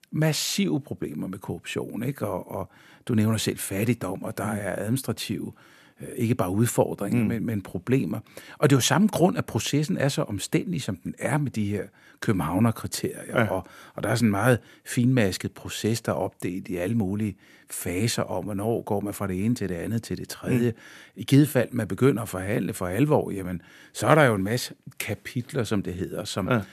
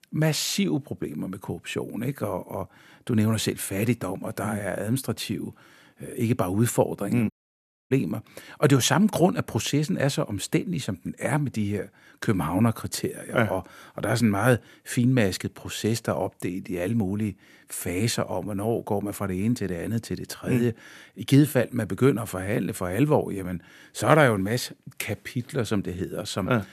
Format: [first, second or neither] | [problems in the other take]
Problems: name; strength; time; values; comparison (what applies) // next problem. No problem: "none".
first | audio cutting out; at 7.5 s for 0.5 s